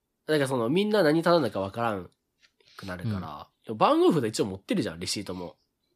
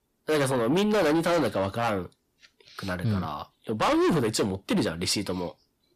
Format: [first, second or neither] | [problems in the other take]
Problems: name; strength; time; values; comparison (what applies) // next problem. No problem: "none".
first | distortion; heavy; 6 dB below the speech